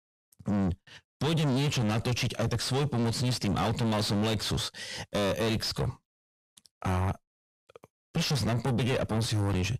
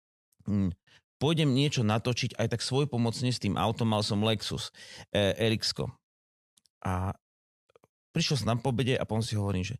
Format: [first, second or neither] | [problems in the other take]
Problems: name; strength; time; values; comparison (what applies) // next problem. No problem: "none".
second | distortion; heavy; 6 dB below the speech